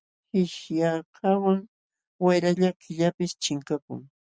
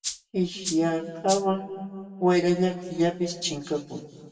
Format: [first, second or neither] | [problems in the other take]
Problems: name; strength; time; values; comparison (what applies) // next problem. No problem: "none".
first | background sound (Rattle (instrument)); 9 dB below the speech // room echo; dies away in 2.1 s